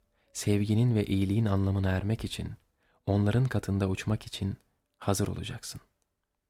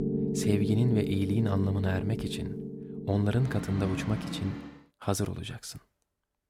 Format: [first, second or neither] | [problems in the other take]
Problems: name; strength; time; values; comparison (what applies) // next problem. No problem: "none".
first | background music; loud; until 4.5 s; 4 dB below the speech